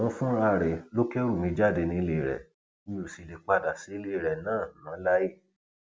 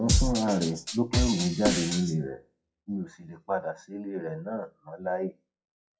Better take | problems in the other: first | noise reduction (classical method WPE with log-MMSE)

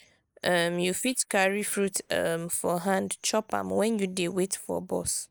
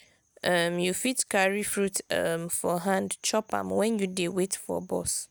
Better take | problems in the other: second | noise reduction (neural mask model Resemble Enhance denoiser)

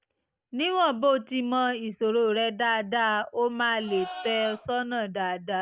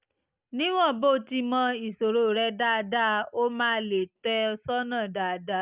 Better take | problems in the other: second | background sound (Livestock, farm animals, working animals); 14 dB below the speech

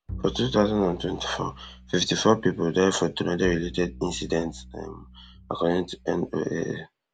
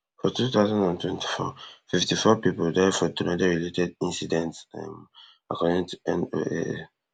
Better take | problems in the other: second | background sound (Bowed string instrument); 16 dB below the speech

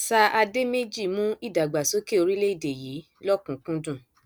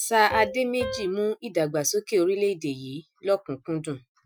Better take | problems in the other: first | noise reduction (classical method Wiener filter)

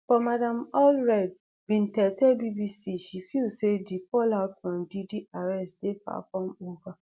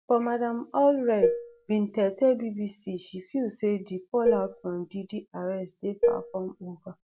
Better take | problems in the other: first | background sound (Dishes, pots, and pans); 1 dB below the speech

